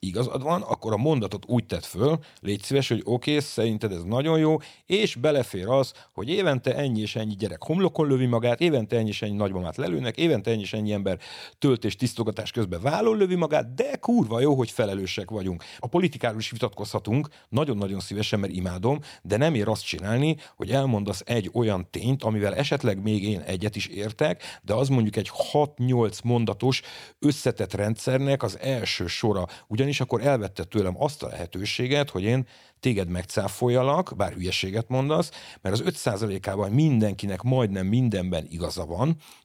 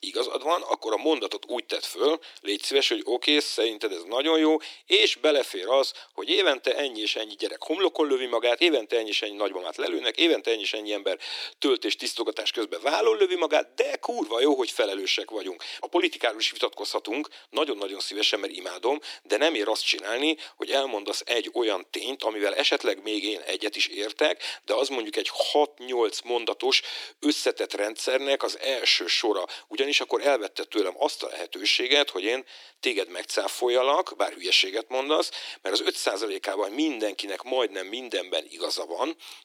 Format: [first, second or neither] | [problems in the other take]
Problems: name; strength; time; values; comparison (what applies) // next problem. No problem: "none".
first | thin; very; fading below 300 Hz